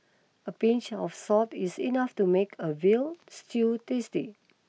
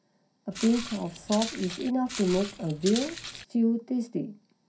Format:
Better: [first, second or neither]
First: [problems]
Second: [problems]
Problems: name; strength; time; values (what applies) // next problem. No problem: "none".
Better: first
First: none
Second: background sound (Walk, footsteps); 10 dB below the speech // room echo; dies away in 0.3 s